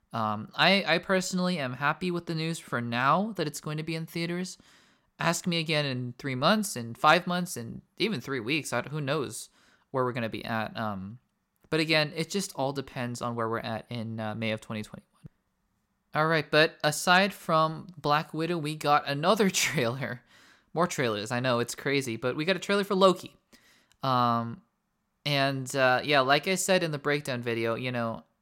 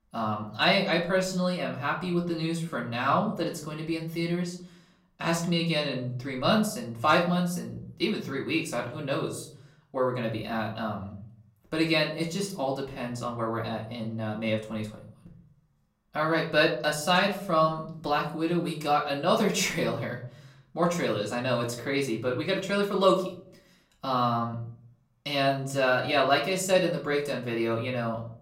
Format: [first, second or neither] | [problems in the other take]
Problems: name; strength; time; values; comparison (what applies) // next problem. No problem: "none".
first | off-mic speech; far // room echo; slight; dies away in 0.5 s